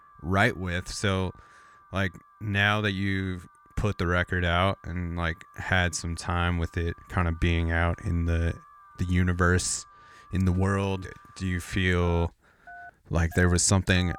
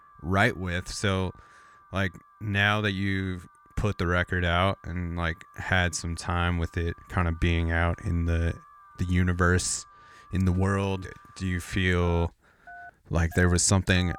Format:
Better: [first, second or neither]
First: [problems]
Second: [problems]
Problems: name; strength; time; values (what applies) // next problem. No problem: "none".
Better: neither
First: alarms or sirens; faint; throughout; 25 dB below the speech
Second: alarms or sirens; faint; throughout; 25 dB below the speech